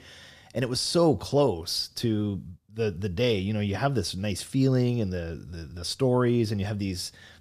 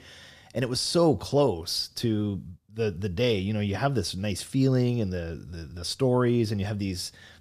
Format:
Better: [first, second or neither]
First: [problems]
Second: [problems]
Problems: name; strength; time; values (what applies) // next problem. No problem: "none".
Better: neither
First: none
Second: none